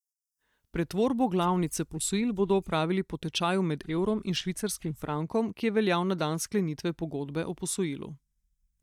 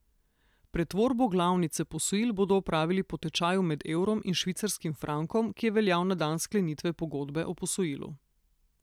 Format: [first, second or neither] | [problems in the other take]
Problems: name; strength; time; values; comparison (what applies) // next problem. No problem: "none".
second | noise reduction (neural mask model DeepFilterNet 3)